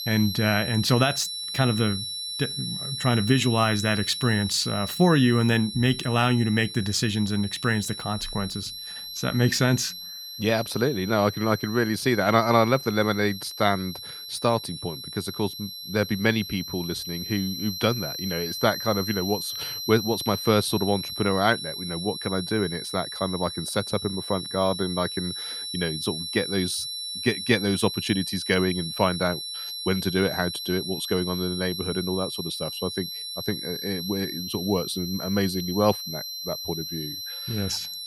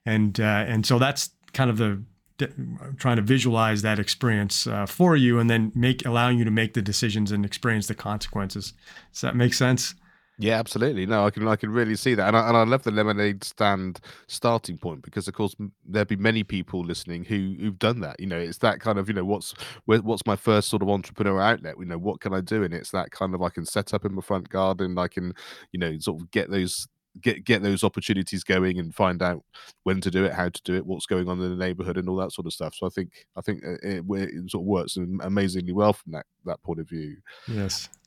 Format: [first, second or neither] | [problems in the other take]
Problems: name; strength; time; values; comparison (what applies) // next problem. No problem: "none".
second | high-pitched whine; loud; throughout; 4 kHz, 6 dB below the speech